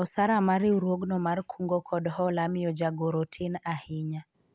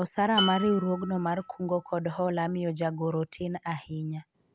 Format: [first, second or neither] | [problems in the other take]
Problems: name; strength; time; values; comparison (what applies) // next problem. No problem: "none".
first | background sound (Dishes, pots, and pans); 9 dB below the speech